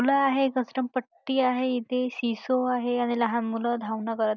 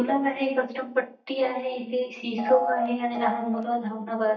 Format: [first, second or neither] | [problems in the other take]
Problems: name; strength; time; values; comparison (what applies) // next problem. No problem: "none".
first | noise reduction (neural mask model DeepFilterNet 3)